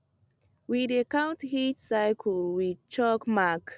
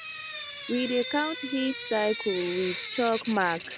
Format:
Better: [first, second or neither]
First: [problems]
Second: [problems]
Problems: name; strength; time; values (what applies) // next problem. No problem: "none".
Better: first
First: none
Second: background sound (Drip / Sink (filling or washing)); 8 dB below the speech